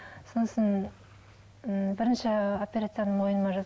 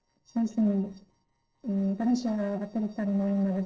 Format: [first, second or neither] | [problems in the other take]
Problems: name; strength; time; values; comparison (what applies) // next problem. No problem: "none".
first | noise reduction (neural separator model SepFormer DNS4)